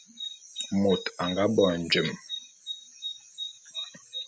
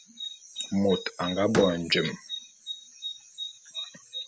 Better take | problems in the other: first | background sound (Slam); 10 dB below the speech

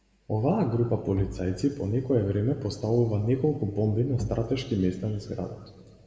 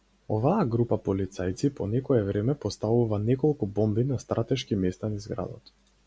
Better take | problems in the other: second | background sound (Bowed string instrument); 13 dB below the speech // room echo; dies away in 2.1 s

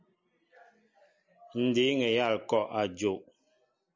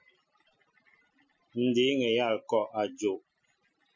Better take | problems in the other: first | noise reduction (classical method Wiener filter)

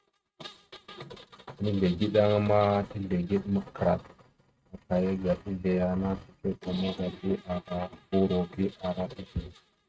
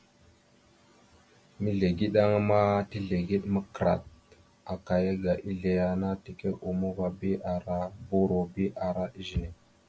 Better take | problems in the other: second | noise reduction (neural mask model RNNoise)

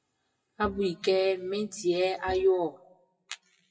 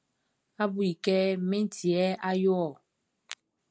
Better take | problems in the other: second | noise reduction (classical method WPE with log-MMSE)

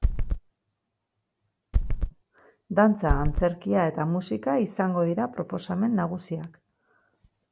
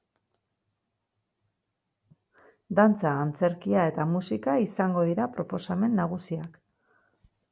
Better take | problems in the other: second | background sound (Run); 4 dB above the speech

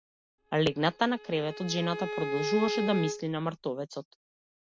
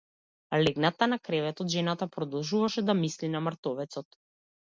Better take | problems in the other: second | background sound (Bowed string instrument); 5 dB below the speech

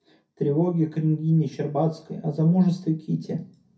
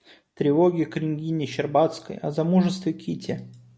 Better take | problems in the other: second | room echo; dies away in 0.3 s

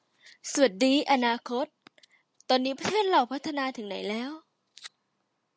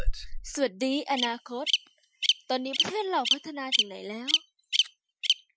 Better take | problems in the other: first | noise reduction (classical method Wiener filter)

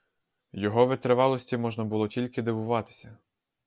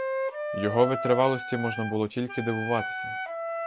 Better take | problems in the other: first | background sound (Wind instrument, woodwind instrument); 5 dB below the speech

